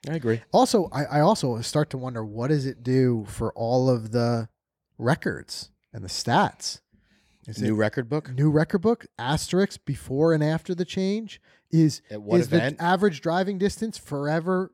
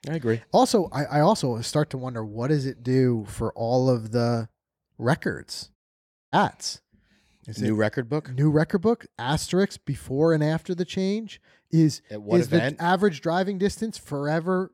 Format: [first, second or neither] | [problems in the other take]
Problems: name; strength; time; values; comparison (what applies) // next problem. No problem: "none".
first | audio cutting out; at 6 s for 0.5 s